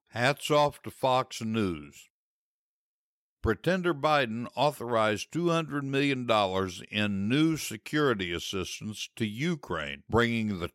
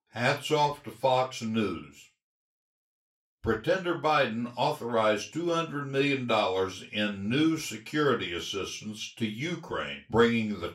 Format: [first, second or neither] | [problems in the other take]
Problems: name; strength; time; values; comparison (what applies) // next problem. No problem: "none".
first | room echo; slight; dies away in 0.2 s // off-mic speech; far